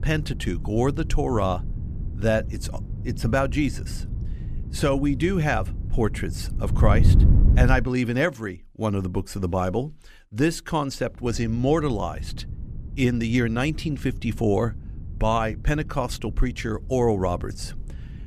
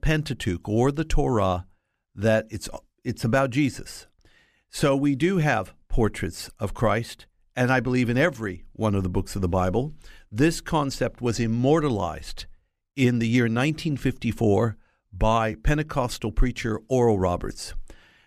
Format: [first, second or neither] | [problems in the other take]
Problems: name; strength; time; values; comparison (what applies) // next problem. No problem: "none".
second | wind noise on the microphone; occasional gusts; until 8 s and from 11 s on; 15 dB below the speech